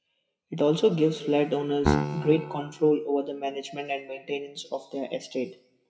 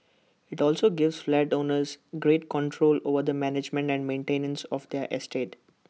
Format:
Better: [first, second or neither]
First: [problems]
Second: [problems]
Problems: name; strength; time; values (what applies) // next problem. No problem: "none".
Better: second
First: noise reduction (classical method WPE with log-MMSE)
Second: none